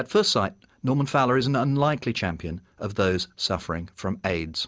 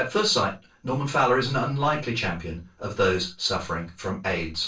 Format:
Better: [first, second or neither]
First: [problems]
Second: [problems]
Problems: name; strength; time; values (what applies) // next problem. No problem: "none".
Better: first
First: none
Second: room echo; dies away in 0.2 s